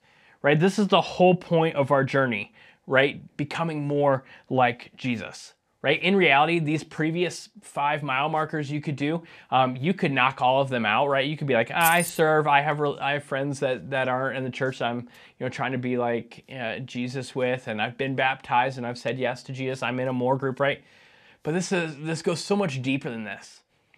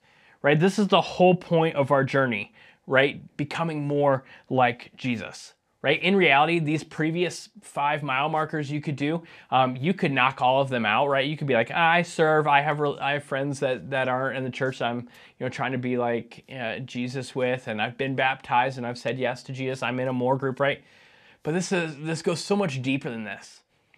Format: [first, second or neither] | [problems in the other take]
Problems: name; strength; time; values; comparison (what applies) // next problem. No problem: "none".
second | jangling keys; noticeable; at 12 s; peak 3 dB below the speech